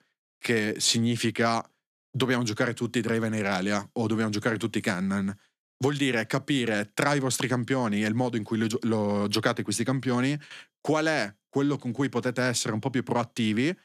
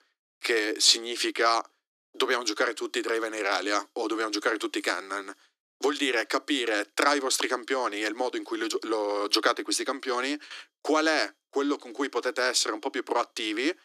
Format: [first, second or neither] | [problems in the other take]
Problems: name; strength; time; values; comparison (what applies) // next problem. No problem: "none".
first | thin; somewhat; fading below 300 Hz